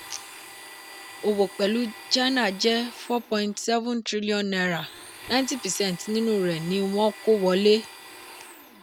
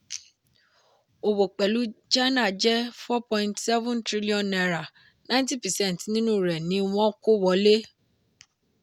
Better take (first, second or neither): second